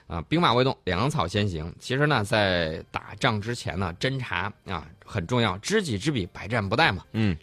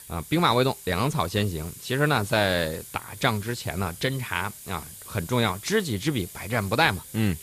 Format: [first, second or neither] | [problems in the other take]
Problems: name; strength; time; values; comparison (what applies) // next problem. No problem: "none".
first | hiss; noticeable; throughout; 15 dB below the speech